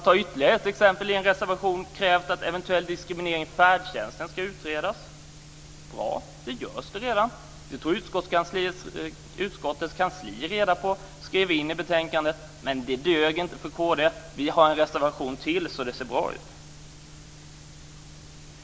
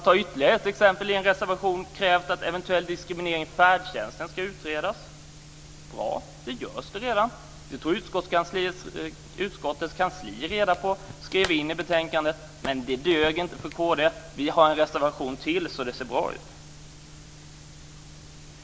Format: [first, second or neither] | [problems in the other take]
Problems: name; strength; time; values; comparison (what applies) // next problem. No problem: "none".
first | background sound (Clapping); 16 dB below the speech